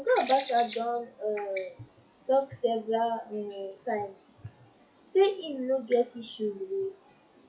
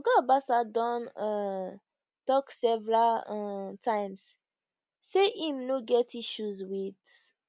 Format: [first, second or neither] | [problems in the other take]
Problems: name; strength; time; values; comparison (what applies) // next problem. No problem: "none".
second | noise reduction (classical method WPE with log-MMSE)